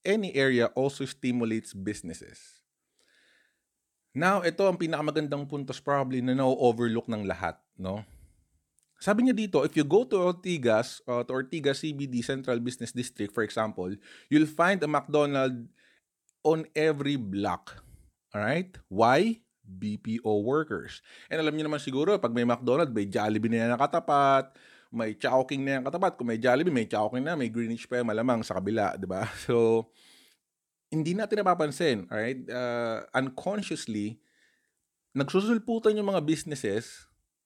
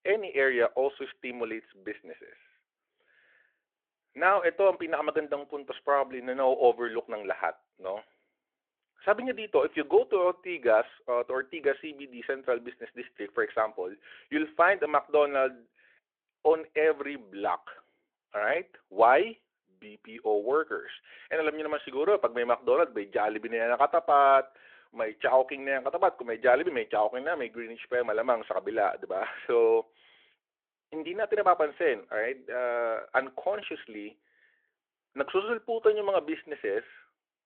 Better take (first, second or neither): first